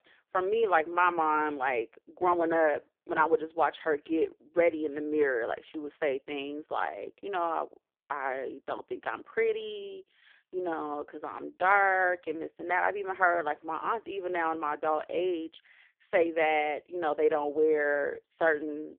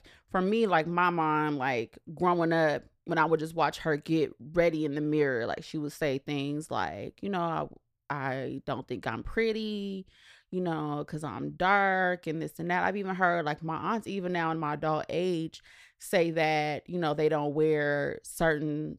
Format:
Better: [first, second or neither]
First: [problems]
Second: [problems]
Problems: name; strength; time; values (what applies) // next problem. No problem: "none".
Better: second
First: phone-call audio; poor line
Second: none